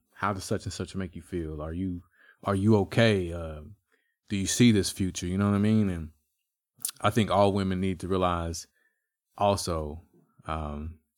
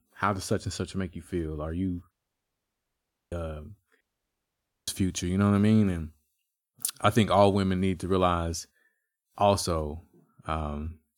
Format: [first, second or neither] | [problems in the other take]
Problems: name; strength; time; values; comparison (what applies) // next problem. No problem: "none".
first | audio cutting out; at 2 s for 1 s and at 4 s for 1 s